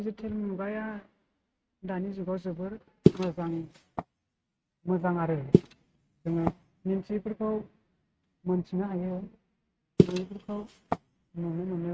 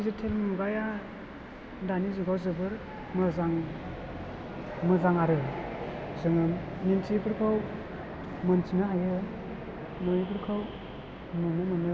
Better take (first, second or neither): second